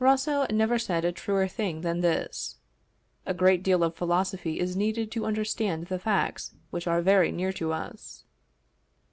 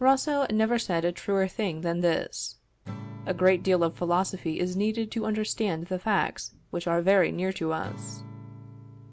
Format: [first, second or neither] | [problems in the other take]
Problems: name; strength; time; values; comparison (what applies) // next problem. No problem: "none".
first | background sound (Acoustic guitar / Strum); 18 dB below the speech